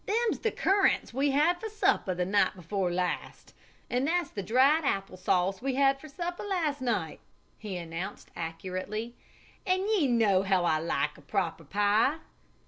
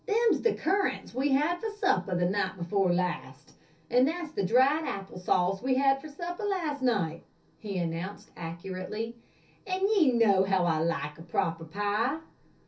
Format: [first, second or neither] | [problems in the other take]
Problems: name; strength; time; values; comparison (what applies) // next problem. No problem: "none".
first | room echo; dies away in 0.3 s